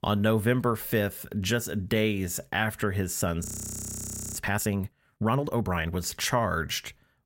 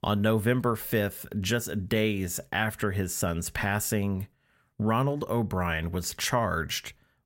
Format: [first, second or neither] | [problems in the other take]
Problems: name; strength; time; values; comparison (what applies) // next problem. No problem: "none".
second | audio freezing; at 3.5 s for 1 s